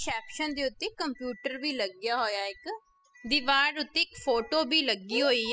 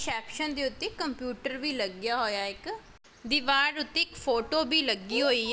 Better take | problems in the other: second | noise reduction (classical method spectral subtraction)

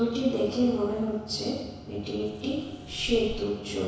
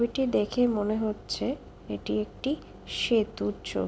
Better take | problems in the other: second | background sound (Fireworks); 13 dB below the speech // room echo; dies away in 1.1 s

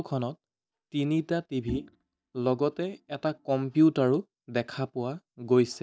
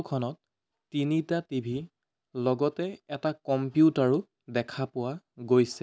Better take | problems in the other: second | noise reduction (neural mask model DeepFilterNet 3)

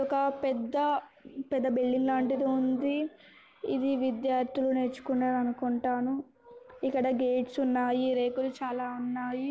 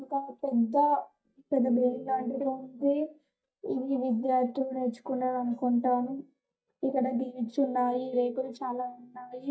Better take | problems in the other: first | noise reduction (neural mask model DeepFilterNet 3)

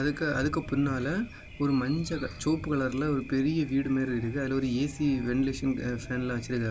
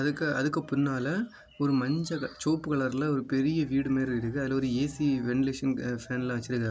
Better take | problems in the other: second | background sound (Thunder); 14 dB below the speech

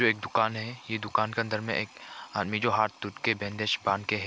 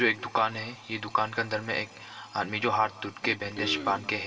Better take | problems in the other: first | background sound (Cough); 9 dB below the speech // room echo; dies away in 1.4 s

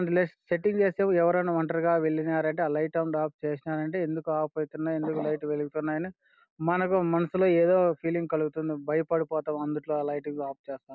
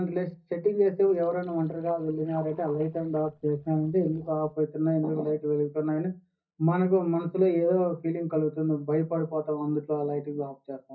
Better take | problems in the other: first | noise reduction (neural mask model DeepFilterNet 3)

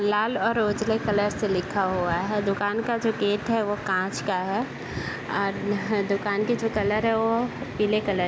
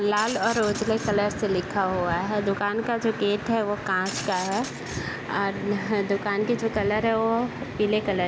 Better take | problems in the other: first | background sound (Glass); 15 dB below the speech

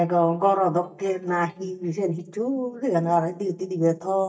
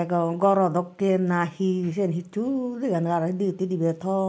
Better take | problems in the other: second | noise reduction (neural mask model DeepFilterNet 3)

